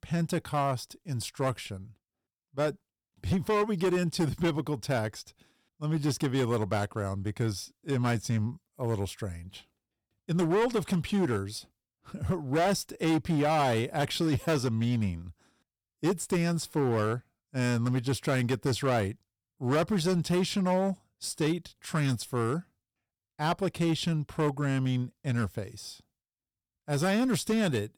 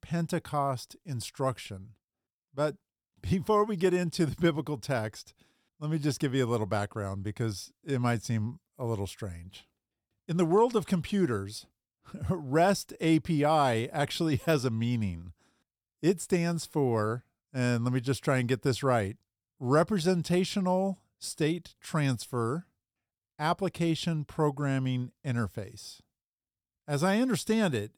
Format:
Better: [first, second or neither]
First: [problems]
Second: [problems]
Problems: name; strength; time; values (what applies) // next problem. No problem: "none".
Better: second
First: distortion; slight; 8% of the sound clipped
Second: none